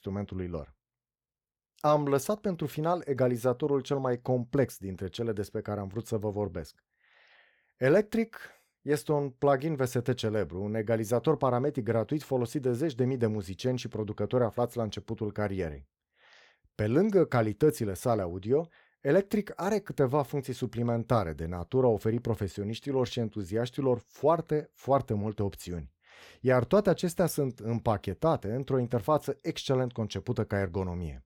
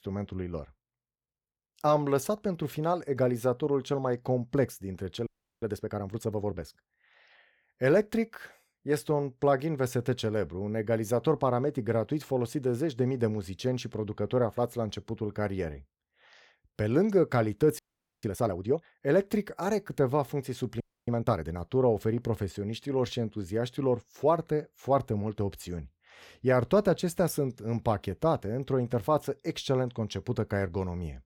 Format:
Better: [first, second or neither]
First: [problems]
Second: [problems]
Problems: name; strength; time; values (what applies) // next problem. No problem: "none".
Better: first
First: none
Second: audio freezing; at 5.5 s, at 18 s and at 21 s